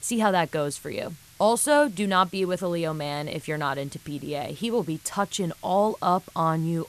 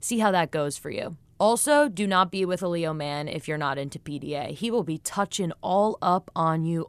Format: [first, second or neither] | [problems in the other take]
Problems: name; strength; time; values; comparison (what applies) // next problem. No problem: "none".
second | hiss; faint; throughout; 25 dB below the speech